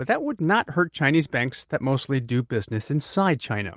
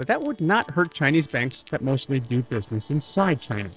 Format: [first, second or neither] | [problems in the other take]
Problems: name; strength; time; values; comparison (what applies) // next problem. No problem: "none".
first | noise reduction (neural separator model SepFormer DNS4)